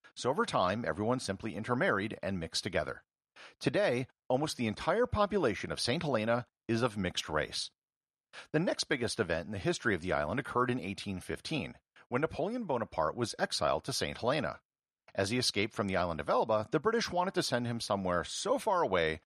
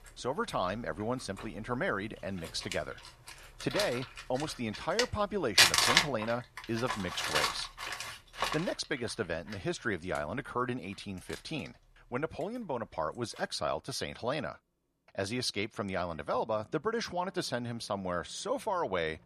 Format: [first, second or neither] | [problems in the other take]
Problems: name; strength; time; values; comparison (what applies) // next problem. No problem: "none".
first | household noises; very loud; throughout; 5 dB above the speech